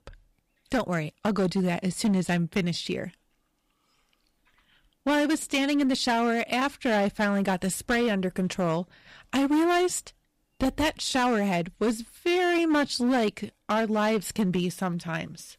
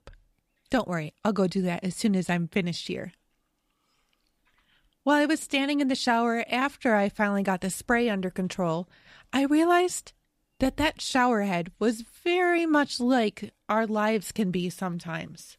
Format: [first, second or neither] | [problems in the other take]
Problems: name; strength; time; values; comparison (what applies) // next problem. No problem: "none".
second | distortion; slight; 9% of the sound clipped